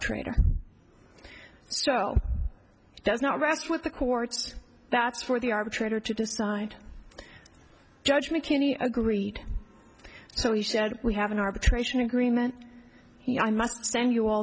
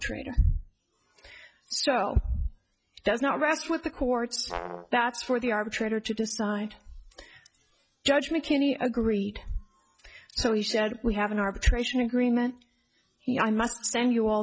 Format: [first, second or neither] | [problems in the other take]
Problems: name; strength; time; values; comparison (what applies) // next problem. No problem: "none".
first | noise reduction (classical method log-MMSE)